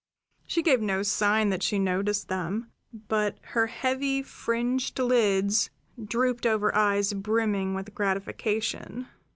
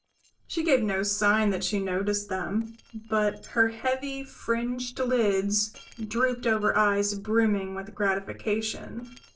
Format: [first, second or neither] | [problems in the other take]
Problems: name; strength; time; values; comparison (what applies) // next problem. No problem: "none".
first | noise reduction (neural separator model SepFormer DNS4)